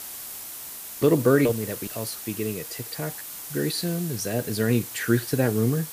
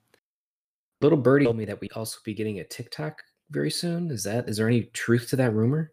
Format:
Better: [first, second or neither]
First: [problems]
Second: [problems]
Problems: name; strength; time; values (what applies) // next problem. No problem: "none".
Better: second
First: hiss; loud; throughout; 9 dB below the speech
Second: none